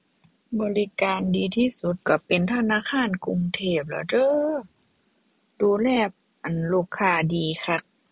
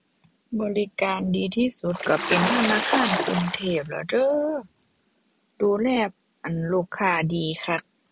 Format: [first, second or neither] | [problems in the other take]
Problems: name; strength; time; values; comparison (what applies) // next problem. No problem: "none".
first | background sound (Water / Splash, splatter); 1 dB below the speech